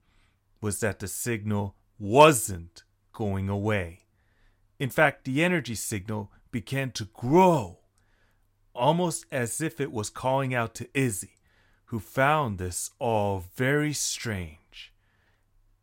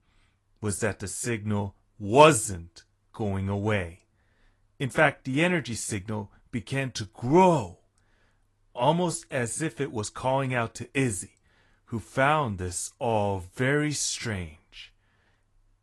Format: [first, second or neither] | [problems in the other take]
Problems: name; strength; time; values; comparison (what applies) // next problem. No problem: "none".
first | garbled, watery; slightly